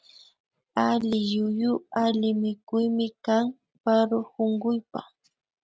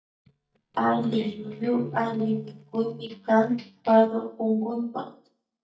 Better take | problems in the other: first | noise reduction (neural mask model DeepFilterNet 3)

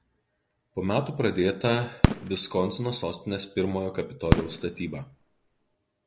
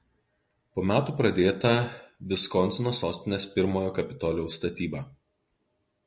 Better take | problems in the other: second | background sound (Fireworks); 1 dB above the speech

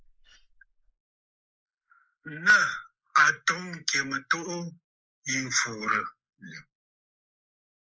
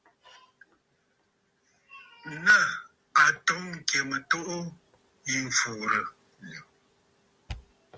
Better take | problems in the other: second | noise reduction (neural mask model Resemble Enhance denoiser)

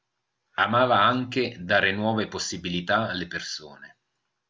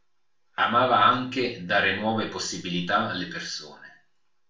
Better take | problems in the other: first | room echo; dies away in 0.4 s

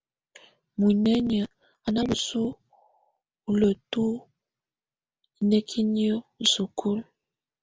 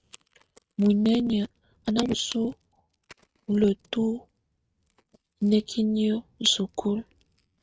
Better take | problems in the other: first | noise reduction (neural mask model RNNoise)

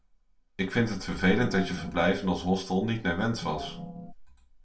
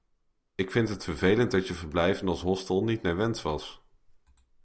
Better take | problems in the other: second | background sound (Organ); 11 dB below the speech // room echo; dies away in 0.2 s

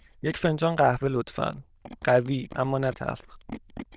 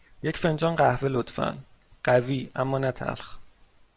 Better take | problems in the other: second | noise reduction (neural diffusion model UNIVERSE++)

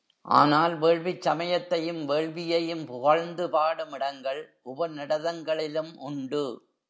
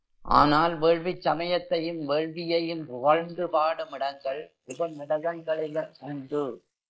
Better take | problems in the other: first | noise reduction (neural mask model Resemble Enhance denoiser)

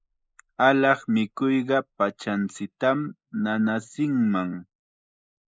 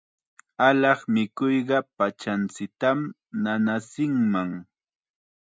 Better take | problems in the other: second | noise reduction (neural mask model Resemble Enhance denoiser)

